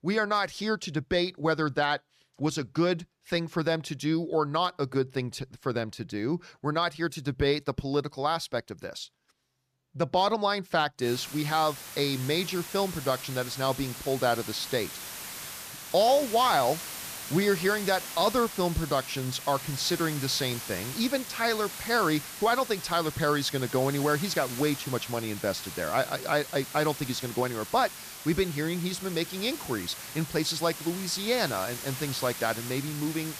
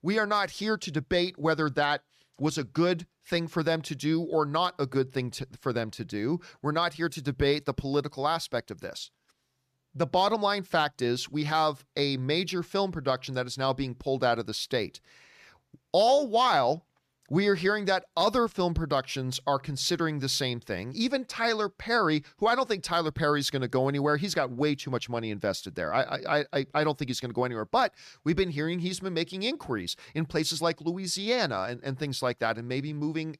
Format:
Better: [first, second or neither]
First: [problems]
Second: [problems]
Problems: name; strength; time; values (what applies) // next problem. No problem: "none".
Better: second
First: hiss; loud; from 11 s on; 9 dB below the speech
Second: none